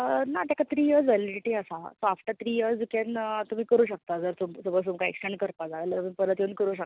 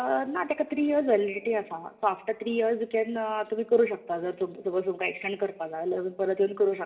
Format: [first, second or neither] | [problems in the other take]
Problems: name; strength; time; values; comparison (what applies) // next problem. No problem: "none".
first | room echo; dies away in 2 s